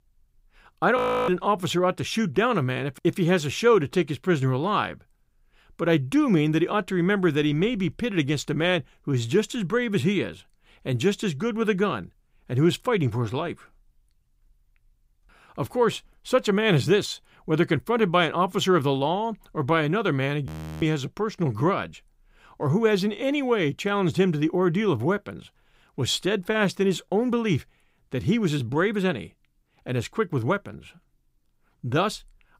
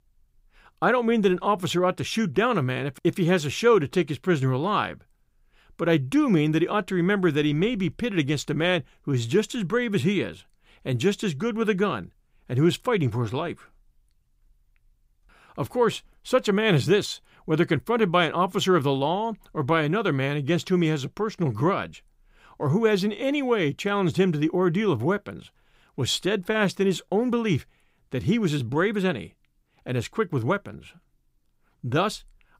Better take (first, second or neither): second